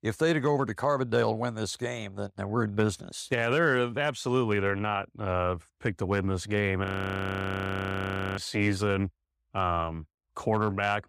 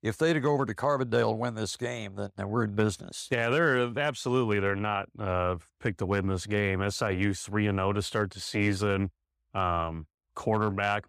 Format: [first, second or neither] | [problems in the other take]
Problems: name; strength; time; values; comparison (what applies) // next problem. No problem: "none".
second | audio freezing; at 7 s for 1.5 s